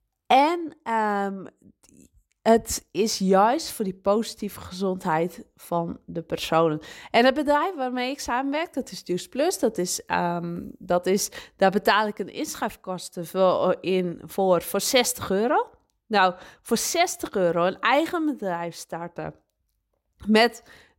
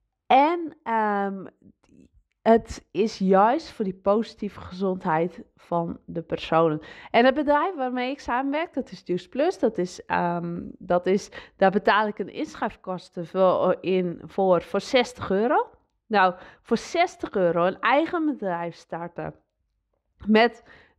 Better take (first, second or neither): first